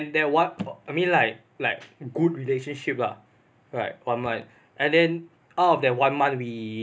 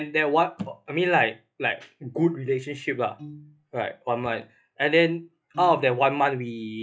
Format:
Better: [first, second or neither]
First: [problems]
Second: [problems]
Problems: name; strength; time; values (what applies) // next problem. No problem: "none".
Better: first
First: none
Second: noise reduction (classical method log-MMSE)